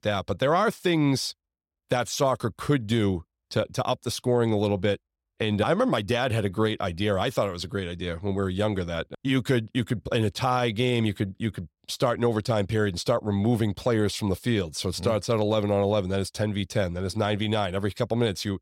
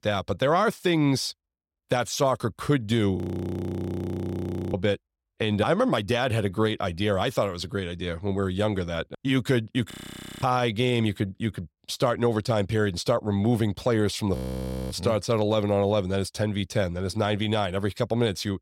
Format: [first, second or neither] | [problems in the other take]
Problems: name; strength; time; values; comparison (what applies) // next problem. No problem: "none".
first | audio freezing; at 3 s for 1.5 s, at 10 s for 0.5 s and at 14 s for 0.5 s